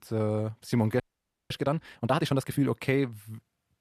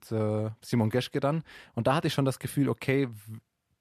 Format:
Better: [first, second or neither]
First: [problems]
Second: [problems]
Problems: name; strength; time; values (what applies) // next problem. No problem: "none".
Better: second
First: audio freezing; at 1 s for 0.5 s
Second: none